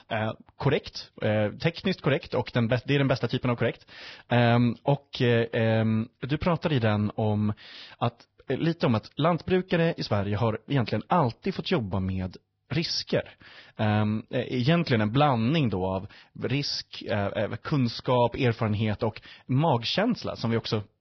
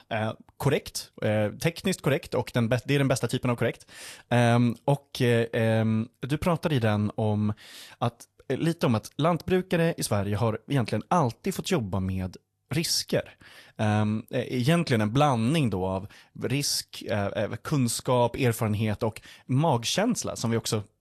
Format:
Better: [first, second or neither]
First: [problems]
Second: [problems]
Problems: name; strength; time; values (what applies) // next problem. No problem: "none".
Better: second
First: garbled, watery; badly; nothing above 5.5 kHz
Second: garbled, watery; slightly; nothing above 12.5 kHz